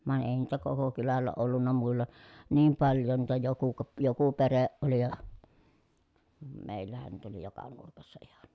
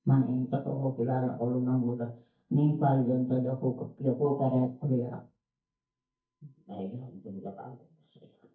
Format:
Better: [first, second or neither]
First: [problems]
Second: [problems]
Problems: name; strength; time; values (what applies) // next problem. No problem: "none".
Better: first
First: none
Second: noise reduction (neural mask model DeepFilterNet 3)